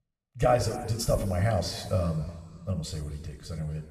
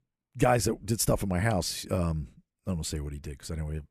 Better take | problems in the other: second | room echo; noticeable; dies away in 1.7 s // off-mic speech; somewhat distant

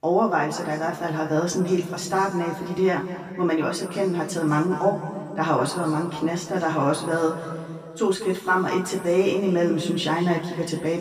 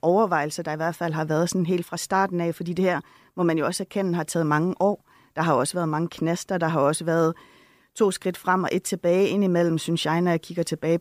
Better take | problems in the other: second | room echo; noticeable; dies away in 2.1 s // off-mic speech; far

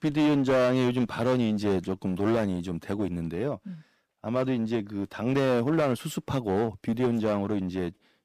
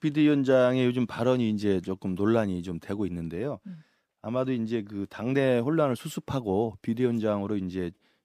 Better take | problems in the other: second | distortion; slight; 12% of the sound clipped

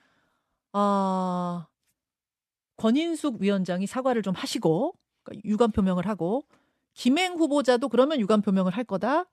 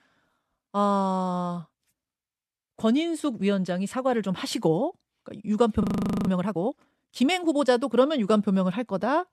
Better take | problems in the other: first | audio freezing; at 6 s

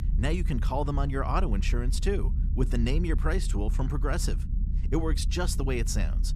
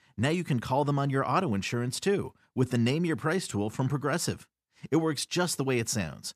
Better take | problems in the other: second | low rumble; noticeable; throughout; 15 dB below the speech

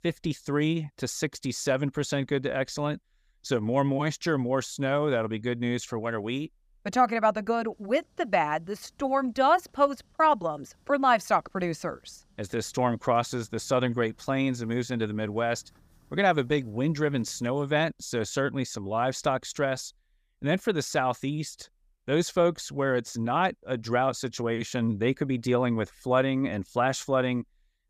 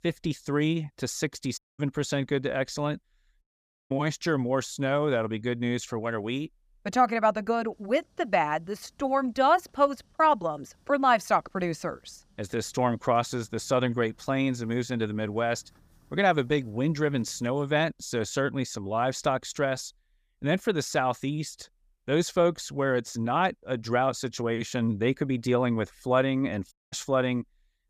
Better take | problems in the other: first | audio cutting out; at 1.5 s, at 3.5 s and at 27 s

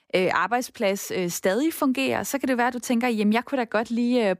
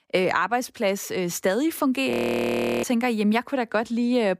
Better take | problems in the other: first | audio freezing; at 2 s for 0.5 s

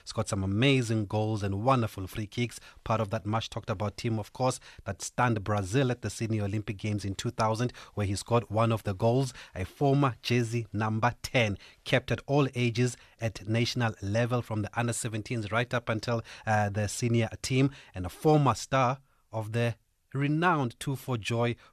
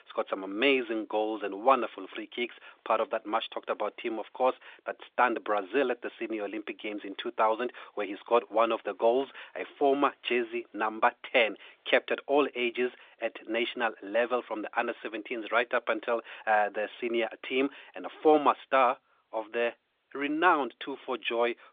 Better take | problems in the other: first | phone-call audio

